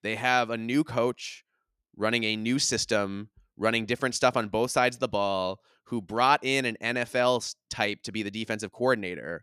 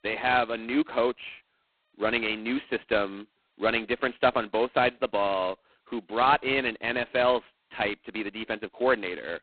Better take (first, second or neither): first